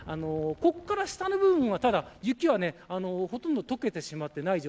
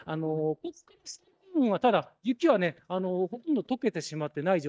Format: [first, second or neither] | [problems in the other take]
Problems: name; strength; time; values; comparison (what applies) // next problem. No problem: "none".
first | noise reduction (neural mask model DeepFilterNet 3)